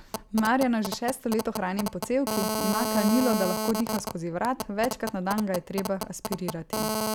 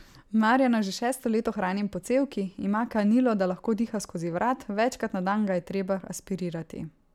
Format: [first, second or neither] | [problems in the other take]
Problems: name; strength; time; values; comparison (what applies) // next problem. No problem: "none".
second | background sound (Telephone); 4 dB below the speech